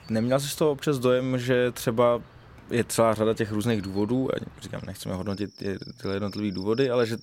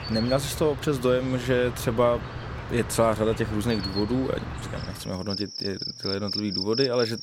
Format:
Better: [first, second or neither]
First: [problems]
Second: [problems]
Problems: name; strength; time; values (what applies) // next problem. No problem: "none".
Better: first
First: animal sounds; faint; throughout; 20 dB below the speech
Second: animal sounds; loud; throughout; 7 dB below the speech